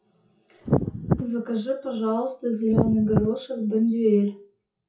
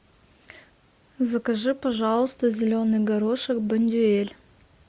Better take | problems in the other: second | noise reduction (classical method WPE with log-MMSE)

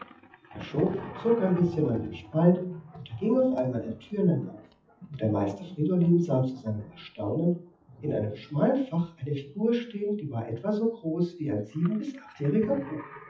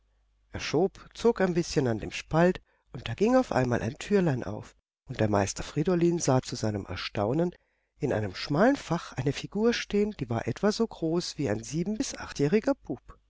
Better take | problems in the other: second | noise reduction (classical method WPE with log-MMSE)

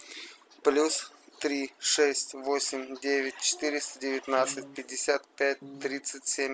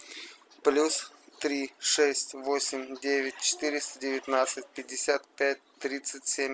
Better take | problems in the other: second | background sound (Piano); 15 dB below the speech

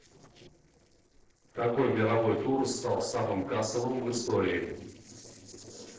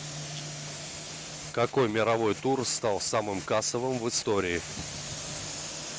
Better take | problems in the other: second | noise reduction (neural separator model SepFormer DNS4)

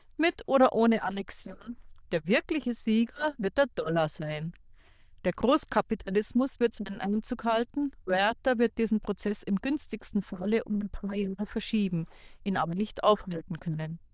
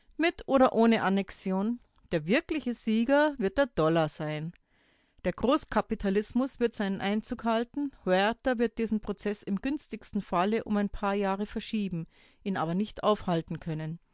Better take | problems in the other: second | noise reduction (neural diffusion model UNIVERSE++)

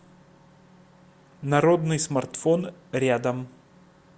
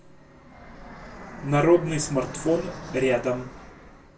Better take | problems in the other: first | background sound (Fixed-wing aircraft, airplane); 14 dB below the speech // room echo; dies away in 0.2 s

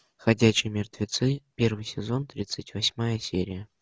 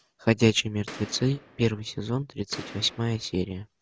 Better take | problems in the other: first | background sound (Boom); 16 dB below the speech

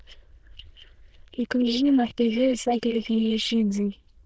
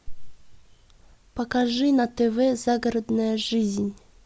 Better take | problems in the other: second | noise reduction (neural diffusion model UNIVERSE++)

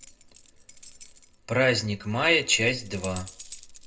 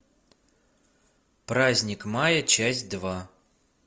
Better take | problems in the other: second | background sound (Keys jangling); 17 dB below the speech // room echo; dies away in 0.2 s

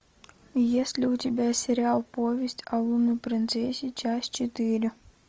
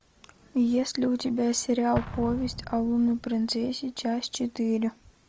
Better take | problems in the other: first | background sound (Explosion); 15 dB below the speech

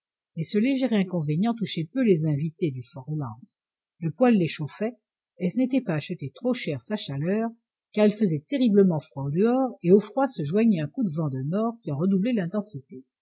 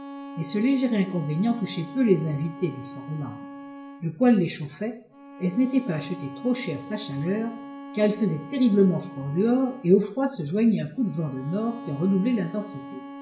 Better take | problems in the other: first | background sound (Bowed string instrument); 15 dB below the speech // room echo; dies away in 0.5 s

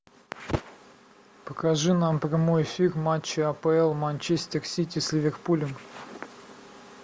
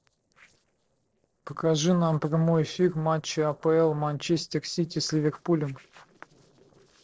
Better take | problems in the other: first | noise reduction (neural separator model SepFormer DNS4)

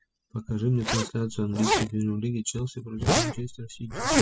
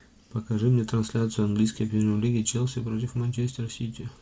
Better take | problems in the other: second | noise reduction (classical method spectral subtraction)

